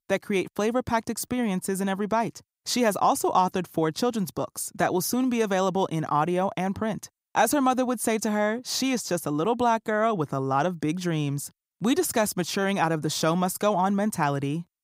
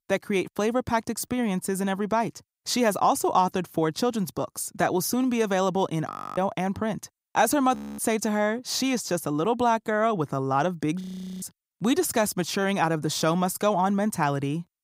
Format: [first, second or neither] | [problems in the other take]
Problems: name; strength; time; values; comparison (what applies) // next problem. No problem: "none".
first | audio freezing; at 6 s, at 8 s and at 11 s